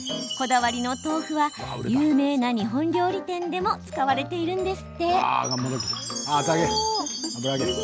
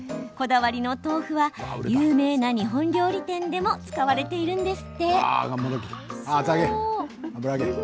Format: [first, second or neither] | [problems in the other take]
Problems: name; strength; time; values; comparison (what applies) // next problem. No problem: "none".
second | background sound (Chime); 11 dB below the speech